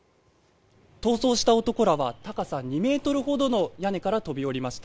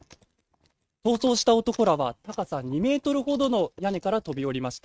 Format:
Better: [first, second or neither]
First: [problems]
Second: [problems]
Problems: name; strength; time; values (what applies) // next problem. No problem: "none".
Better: first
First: none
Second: noise reduction (neural mask model RNNoise)